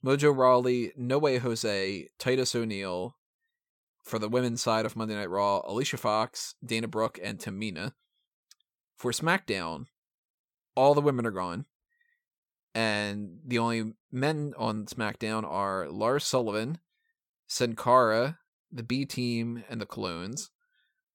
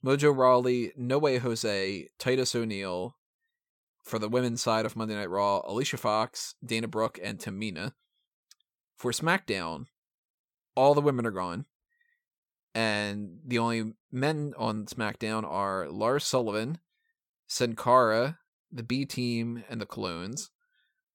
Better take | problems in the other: neither | none

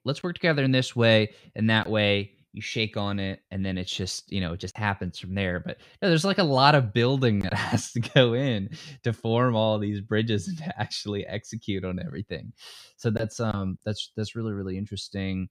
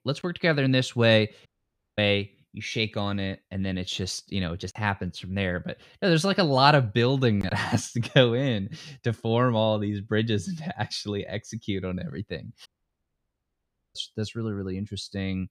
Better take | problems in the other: first | audio cutting out; at 1.5 s for 0.5 s and at 13 s for 1.5 s

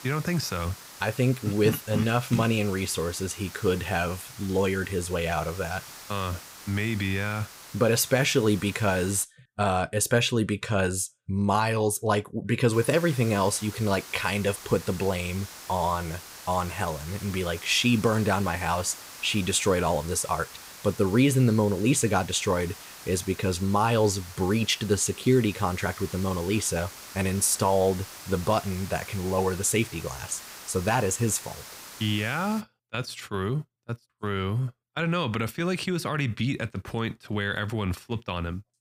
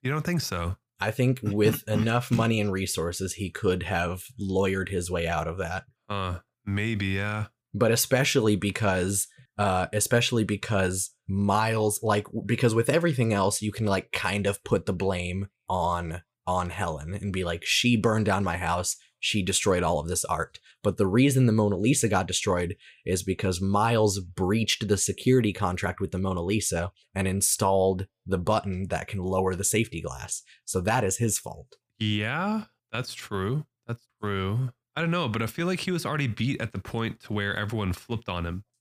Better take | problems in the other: second | hiss; noticeable; until 9 s and from 13 to 33 s; 15 dB below the speech

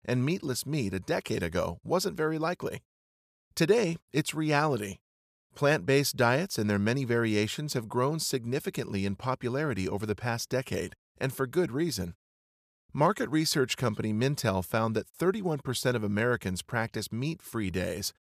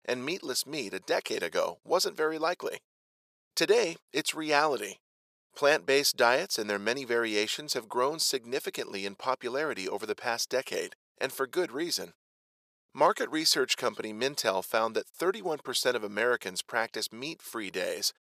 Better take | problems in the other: first | thin; somewhat; fading below 500 Hz

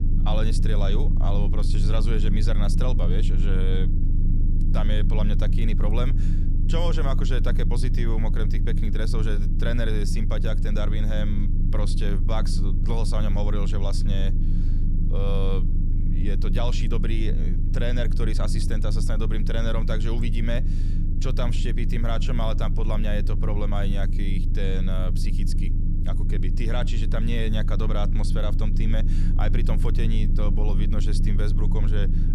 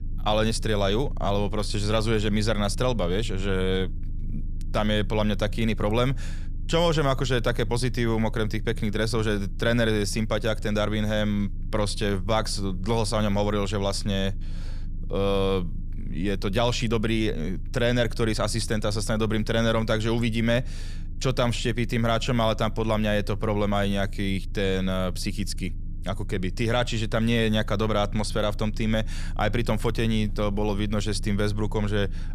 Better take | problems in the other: second | low rumble; loud; throughout; 6 dB below the speech; faint in the second

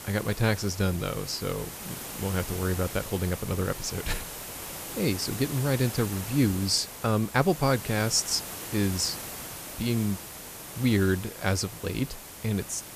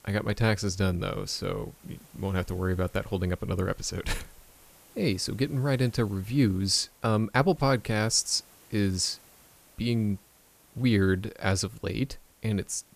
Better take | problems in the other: second | hiss; loud; throughout; 9 dB below the speech; faint in the second

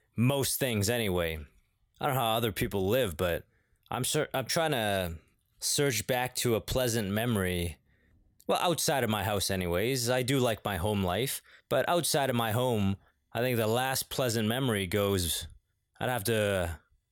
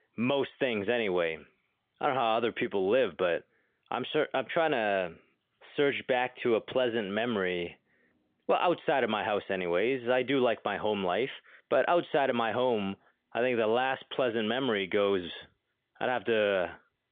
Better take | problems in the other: first | phone-call audio; nothing above 3.5 kHz

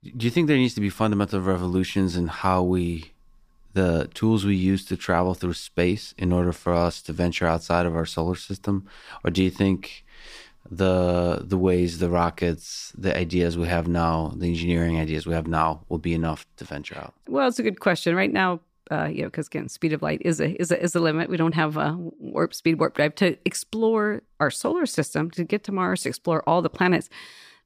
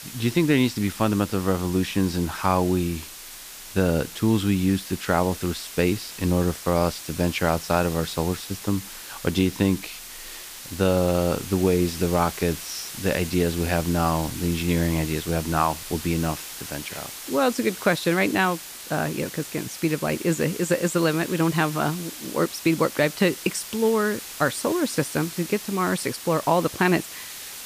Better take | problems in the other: first | hiss; noticeable; throughout; 10 dB below the speech

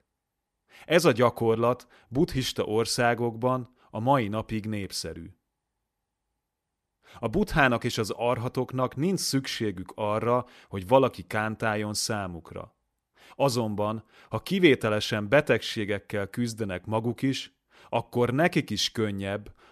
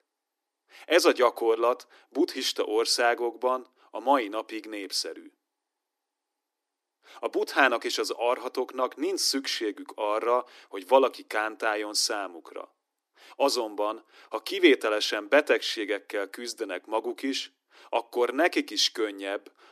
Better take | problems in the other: first | thin; somewhat; fading below 300 Hz

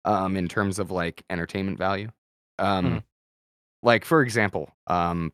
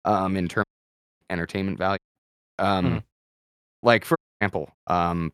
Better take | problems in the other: first | audio cutting out; at 0.5 s for 0.5 s, at 2 s and at 4 s

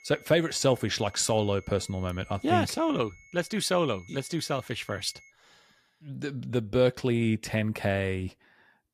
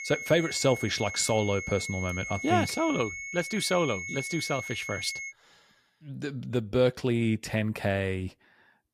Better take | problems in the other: first | high-pitched whine; loud; until 5.5 s; 2 kHz, 7 dB below the speech; faint in the first

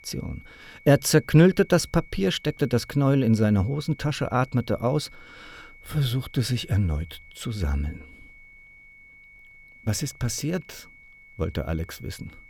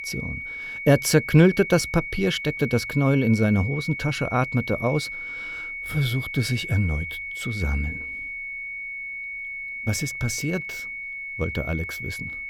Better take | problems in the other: first | high-pitched whine; loud; throughout; 2 kHz, 7 dB below the speech; faint in the first

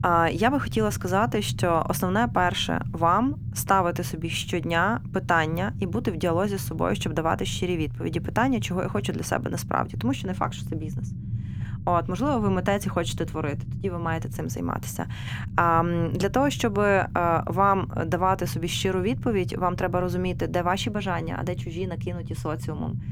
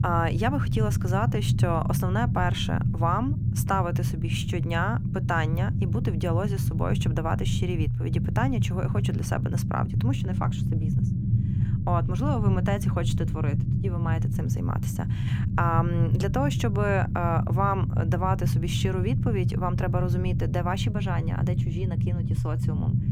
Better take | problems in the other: first | low rumble; loud; throughout; 8 dB below the speech; faint in the first

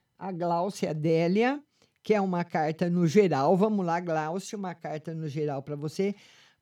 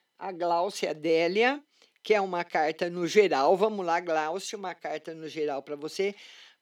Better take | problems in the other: first | thin; somewhat; fading below 300 Hz

